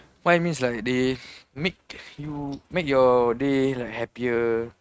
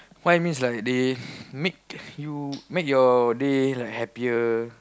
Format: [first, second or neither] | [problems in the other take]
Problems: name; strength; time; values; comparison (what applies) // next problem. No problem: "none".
second | noise reduction (neural mask model RNNoise)